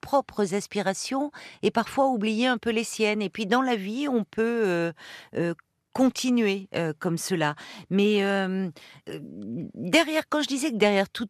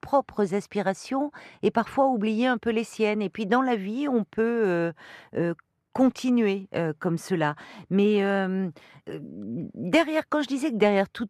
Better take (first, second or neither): first